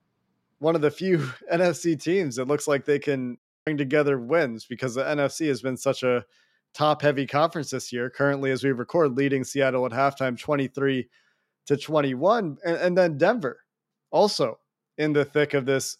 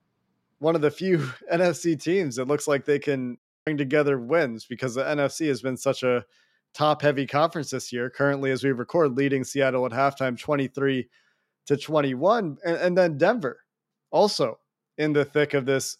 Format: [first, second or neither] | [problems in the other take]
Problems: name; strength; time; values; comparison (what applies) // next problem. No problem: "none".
neither | audio cutting out; at 3.5 s; the same in both